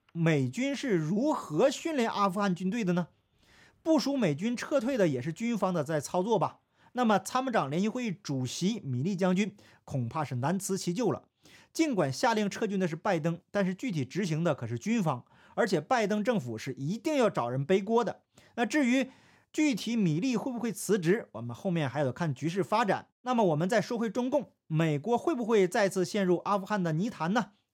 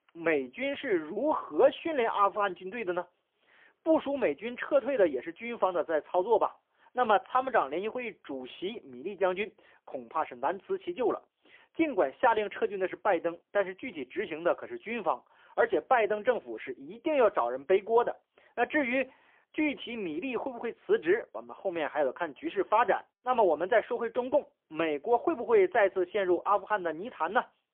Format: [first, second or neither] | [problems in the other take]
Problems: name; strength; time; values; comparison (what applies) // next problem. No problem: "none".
first | phone-call audio; poor line; nothing above 3.5 kHz